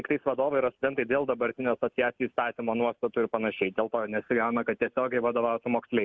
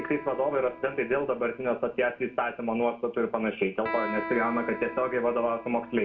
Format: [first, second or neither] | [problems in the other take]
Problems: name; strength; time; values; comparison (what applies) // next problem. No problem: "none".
first | background sound (Electric guitar); 12 dB below the speech // room echo; dies away in 0.4 s